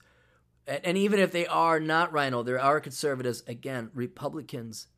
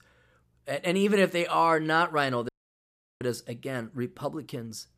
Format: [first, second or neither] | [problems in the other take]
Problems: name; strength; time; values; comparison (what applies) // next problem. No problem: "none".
first | audio cutting out; at 2.5 s for 0.5 s